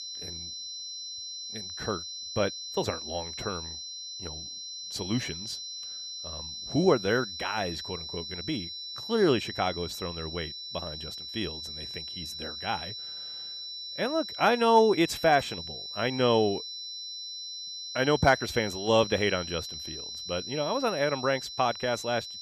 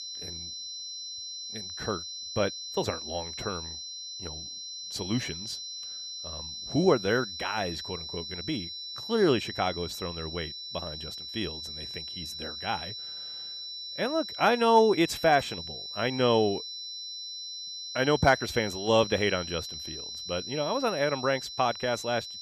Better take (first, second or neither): neither